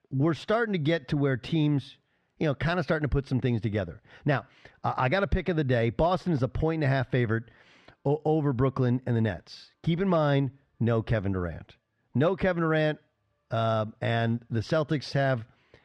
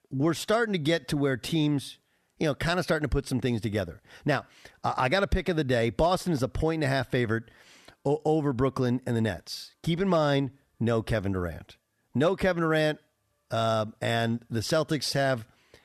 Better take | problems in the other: second | muffled; slightly; fading above 3.5 kHz

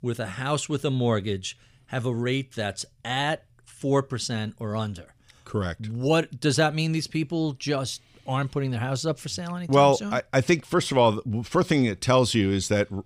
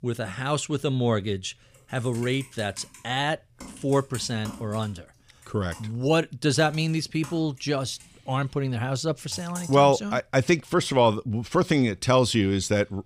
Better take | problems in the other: first | keyboard typing; faint; from 2 to 10 s; peak 10 dB below the speech

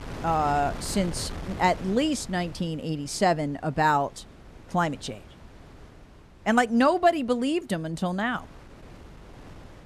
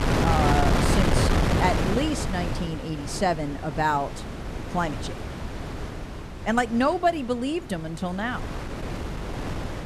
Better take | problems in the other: first | wind noise on the microphone; heavy; 4 dB below the speech; occasional gusts in the first

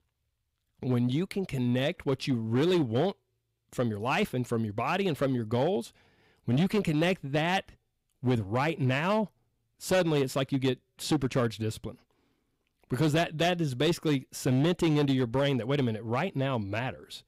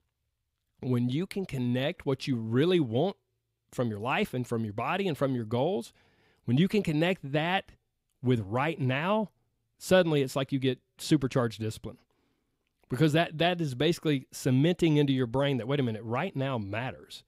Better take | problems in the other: second | distortion; slight; 6% of the sound clipped

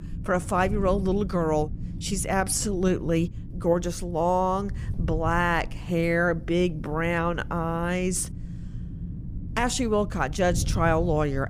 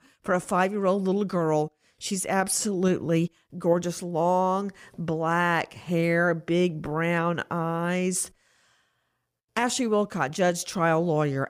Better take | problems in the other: second | wind noise on the microphone; occasional gusts; 20 dB below the speech

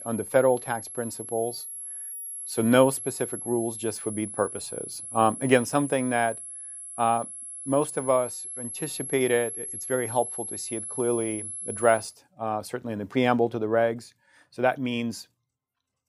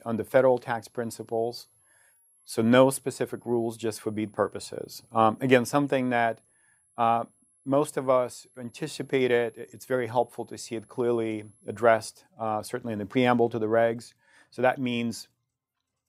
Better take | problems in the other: second | high-pitched whine; loud; until 12 s; 11 kHz, 8 dB below the speech; faint in the second

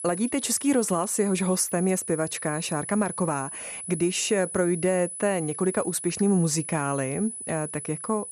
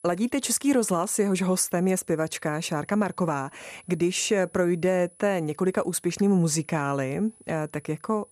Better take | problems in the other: second | high-pitched whine; loud; throughout; 10 kHz, 8 dB below the speech; faint in the second

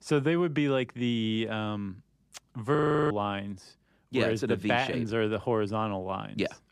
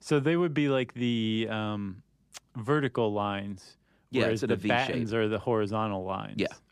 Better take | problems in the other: second | audio freezing; at 3 s

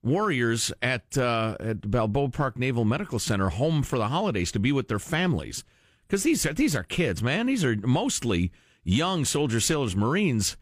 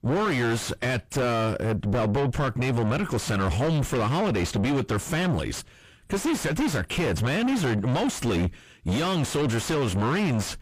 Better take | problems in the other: first | distortion; heavy; 5 dB below the speech

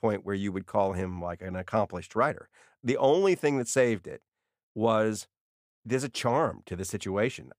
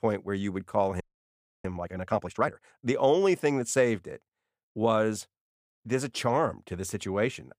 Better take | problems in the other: first | audio freezing; at 1 s for 0.5 s

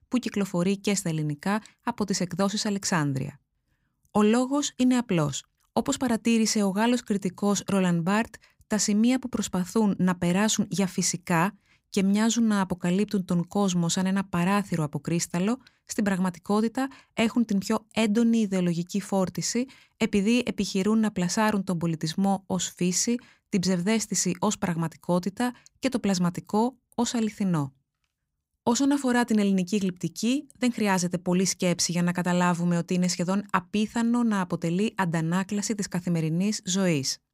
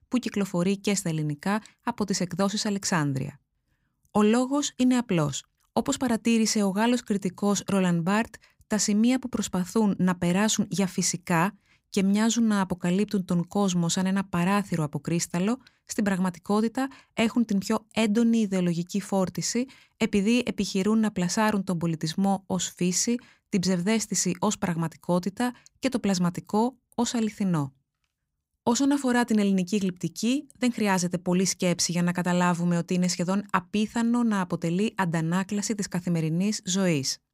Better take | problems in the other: neither | none

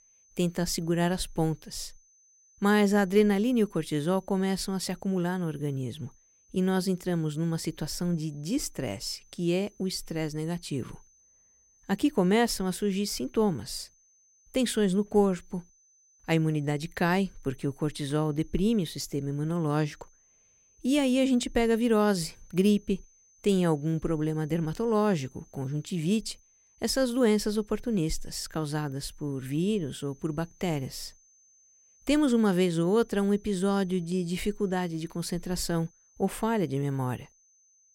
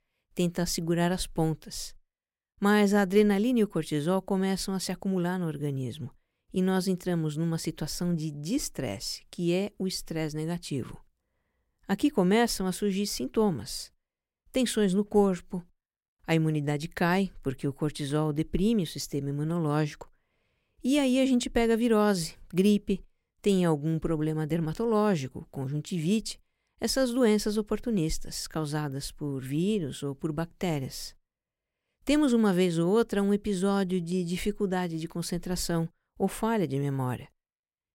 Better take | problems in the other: second | high-pitched whine; faint; throughout; 6 kHz, 30 dB below the speech

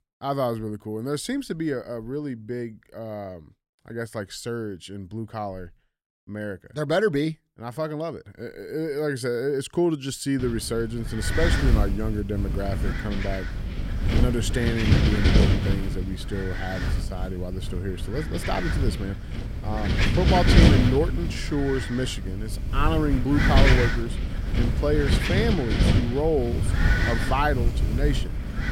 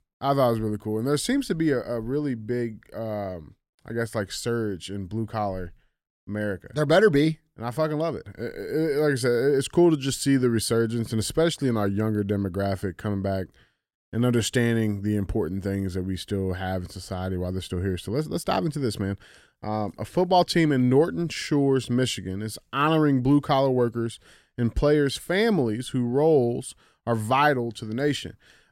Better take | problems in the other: second | wind noise on the microphone; heavy; from 10 s on; as loud as the speech

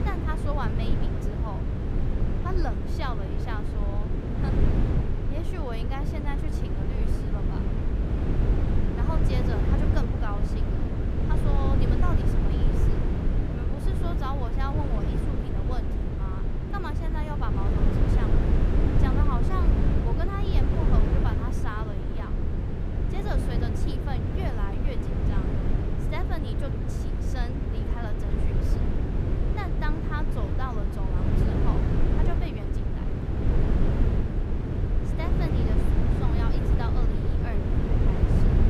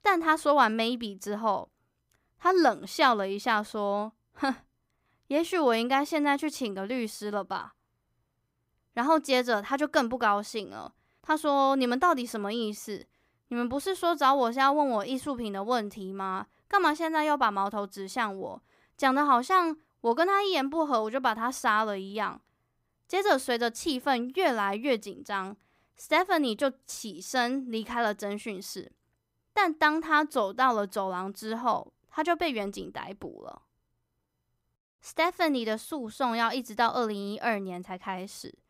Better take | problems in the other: second | wind noise on the microphone; heavy; 1 dB above the speech

